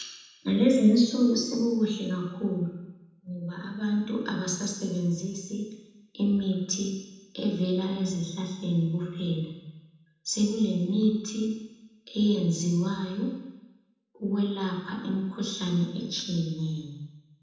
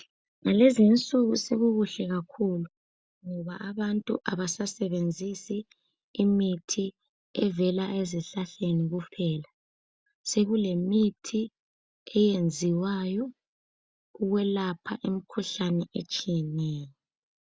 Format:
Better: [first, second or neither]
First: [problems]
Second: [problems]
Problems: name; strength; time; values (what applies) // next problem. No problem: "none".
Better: second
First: room echo; dies away in 1 s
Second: none